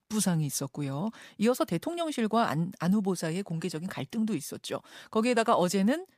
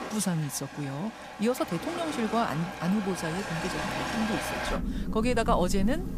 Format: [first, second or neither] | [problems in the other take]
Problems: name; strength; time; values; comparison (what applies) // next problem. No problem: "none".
first | rain or running water; loud; throughout; 4 dB below the speech